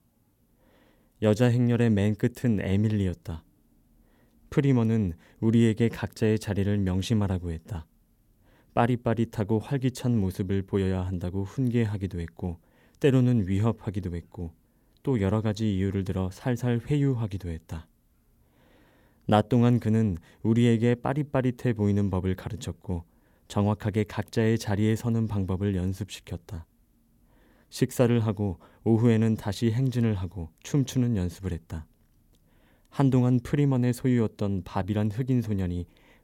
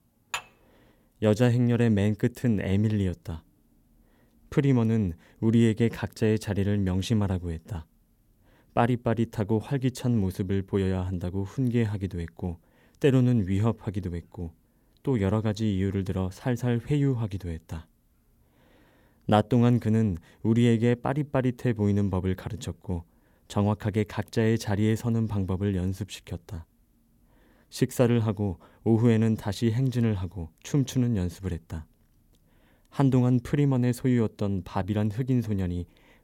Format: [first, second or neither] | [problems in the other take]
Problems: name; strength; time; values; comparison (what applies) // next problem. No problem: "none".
first | clattering dishes; noticeable; at 0.5 s; peak 9 dB below the speech